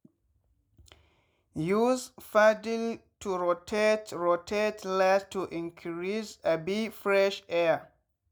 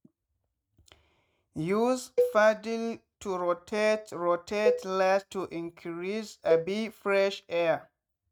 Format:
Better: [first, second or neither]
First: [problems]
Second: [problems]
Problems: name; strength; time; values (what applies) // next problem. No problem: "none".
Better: first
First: none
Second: noise reduction (neural mask model RNNoise)